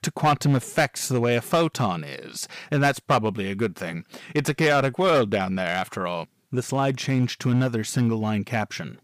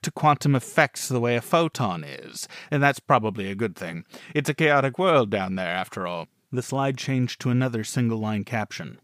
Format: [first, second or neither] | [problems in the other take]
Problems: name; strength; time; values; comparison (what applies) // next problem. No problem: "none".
second | distortion; slight; 3% of the sound clipped